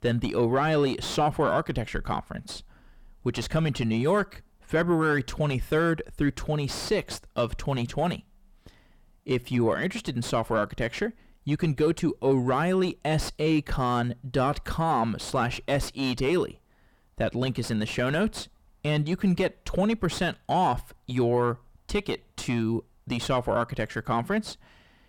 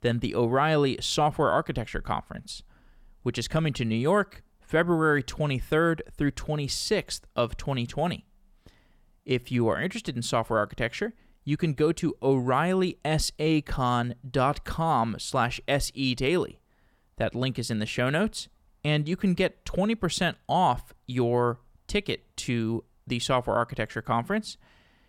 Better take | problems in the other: second | distortion; slight; 10 dB below the speech

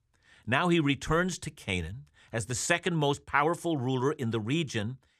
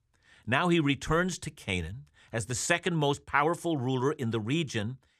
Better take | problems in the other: neither | none

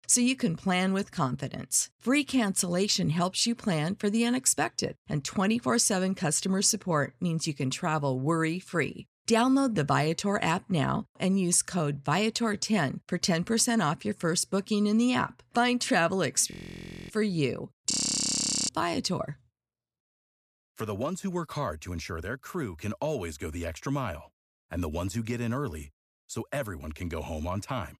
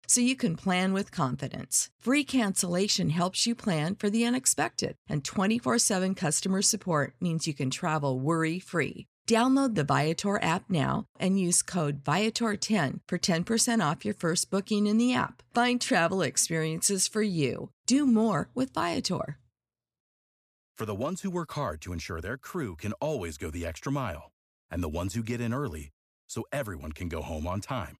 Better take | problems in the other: second | audio freezing; at 17 s for 0.5 s and at 18 s for 1 s

